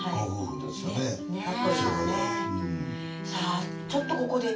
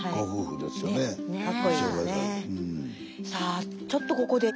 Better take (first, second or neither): second